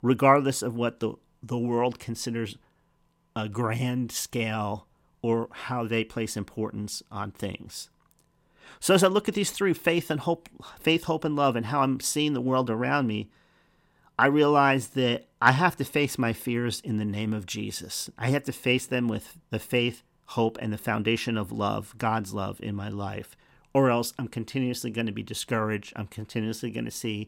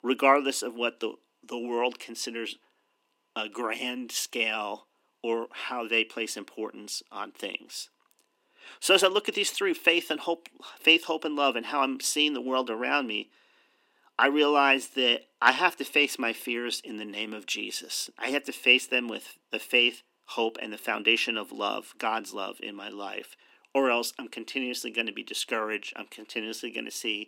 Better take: first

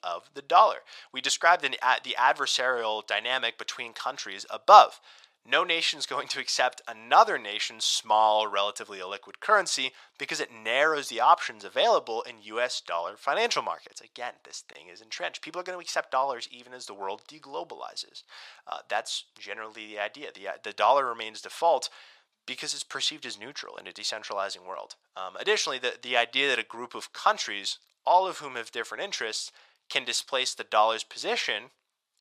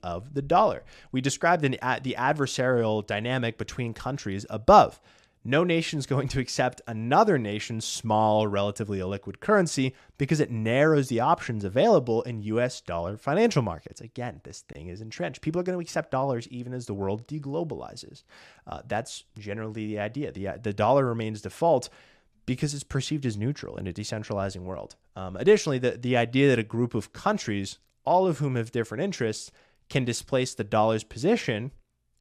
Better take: second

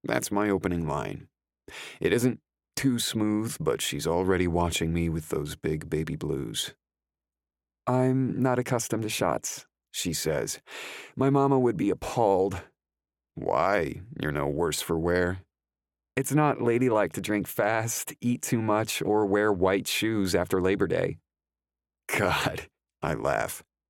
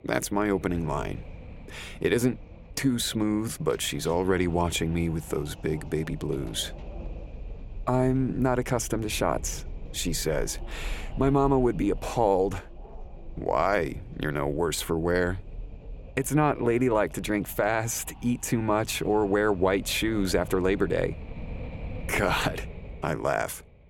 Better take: first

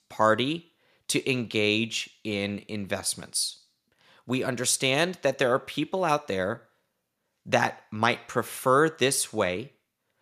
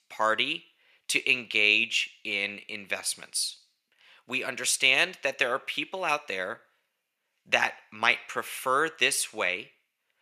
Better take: first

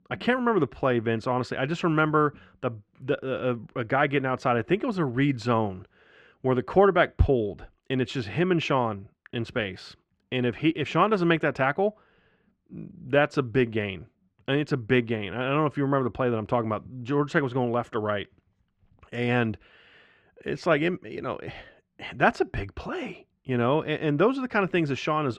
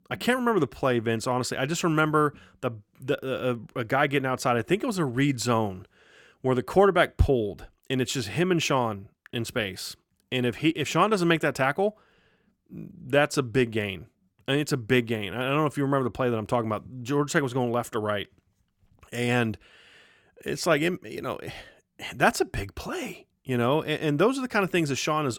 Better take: second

